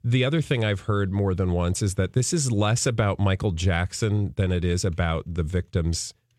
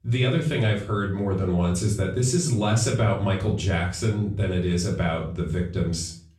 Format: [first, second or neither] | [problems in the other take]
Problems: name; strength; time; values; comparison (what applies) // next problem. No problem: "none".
first | off-mic speech; far // room echo; slight; dies away in 0.4 s